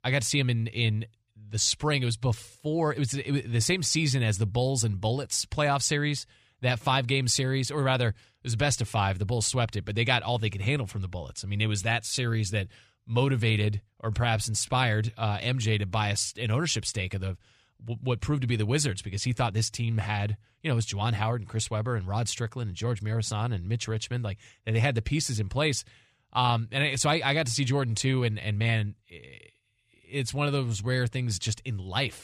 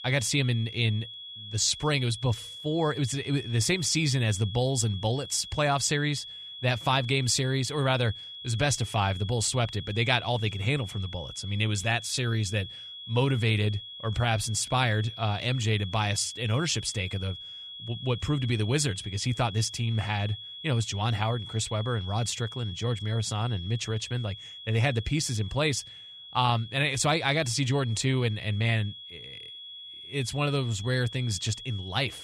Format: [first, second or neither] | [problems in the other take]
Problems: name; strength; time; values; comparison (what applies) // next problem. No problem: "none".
first | high-pitched whine; noticeable; throughout; 3.5 kHz, 10 dB below the speech